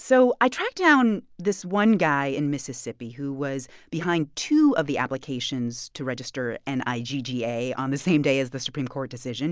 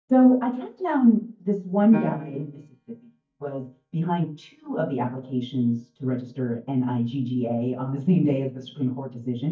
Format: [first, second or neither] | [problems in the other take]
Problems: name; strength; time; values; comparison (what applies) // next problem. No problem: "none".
first | noise reduction (neural mask model DeepFilterNet 3)